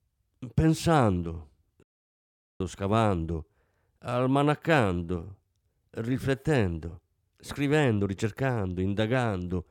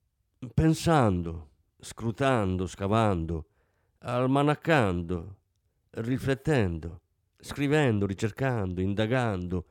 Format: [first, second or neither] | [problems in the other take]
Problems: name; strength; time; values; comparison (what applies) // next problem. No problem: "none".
second | audio cutting out; at 2 s for 1 s